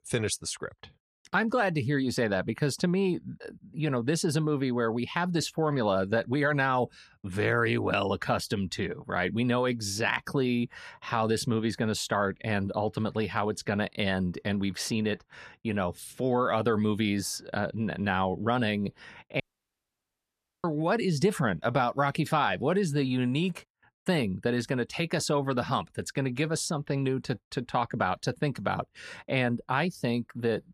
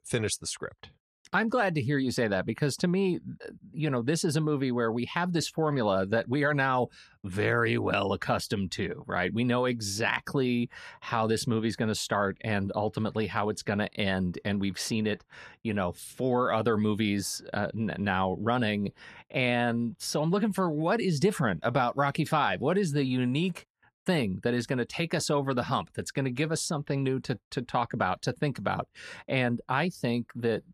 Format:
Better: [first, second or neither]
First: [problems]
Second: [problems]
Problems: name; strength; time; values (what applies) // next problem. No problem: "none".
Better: second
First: audio cutting out; at 19 s for 1 s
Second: none